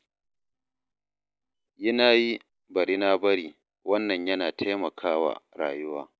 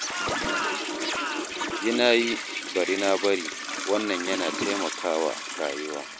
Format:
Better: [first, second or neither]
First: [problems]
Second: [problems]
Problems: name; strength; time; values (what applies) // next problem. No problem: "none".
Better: first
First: none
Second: background sound (Scratching (performance technique) + Toilet flush); 3 dB below the speech